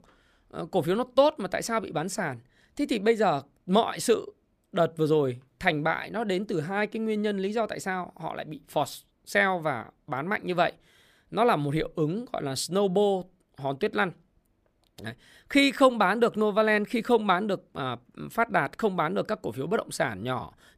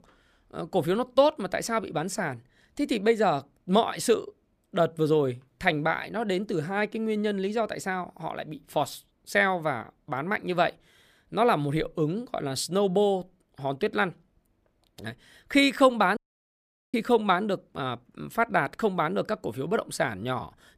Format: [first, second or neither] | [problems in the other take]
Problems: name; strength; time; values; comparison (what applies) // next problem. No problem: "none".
first | audio cutting out; at 16 s for 1 s